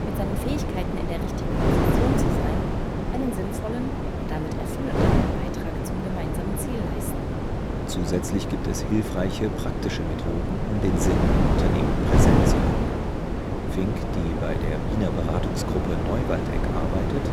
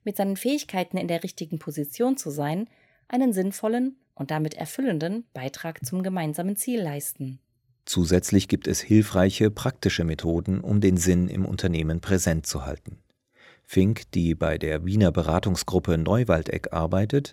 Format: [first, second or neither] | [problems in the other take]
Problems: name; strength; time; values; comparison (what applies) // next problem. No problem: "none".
second | wind noise on the microphone; heavy; 4 dB above the speech